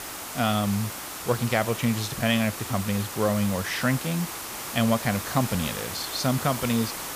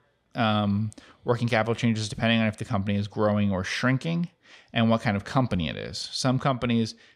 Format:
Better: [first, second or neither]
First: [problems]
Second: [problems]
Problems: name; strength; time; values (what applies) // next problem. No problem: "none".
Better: second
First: hiss; loud; throughout; 6 dB below the speech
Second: none